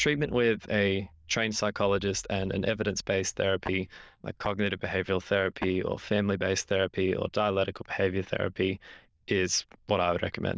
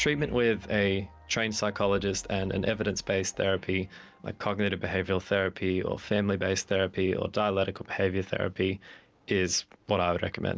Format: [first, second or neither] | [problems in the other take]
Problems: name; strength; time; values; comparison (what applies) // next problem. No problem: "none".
second | noise reduction (neural diffusion model UNIVERSE++)